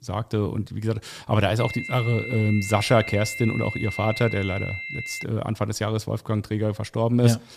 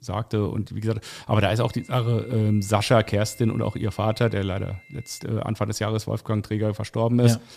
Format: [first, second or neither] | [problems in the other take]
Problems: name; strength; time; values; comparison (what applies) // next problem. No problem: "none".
second | high-pitched whine; loud; from 1.5 to 5 s; 2 kHz, 7 dB below the speech; faint in the second